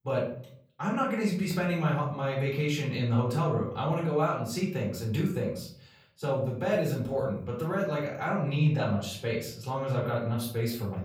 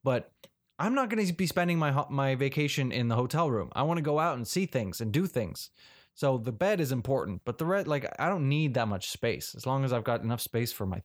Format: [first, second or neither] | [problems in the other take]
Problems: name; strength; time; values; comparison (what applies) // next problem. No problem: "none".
second | off-mic speech; far // room echo; slight; dies away in 0.5 s